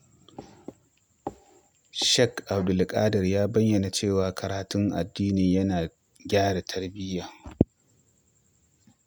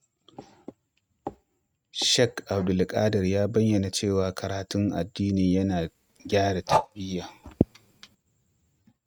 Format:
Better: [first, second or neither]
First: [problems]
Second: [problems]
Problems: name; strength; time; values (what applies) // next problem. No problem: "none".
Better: first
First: none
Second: noise reduction (neural mask model RNNoise)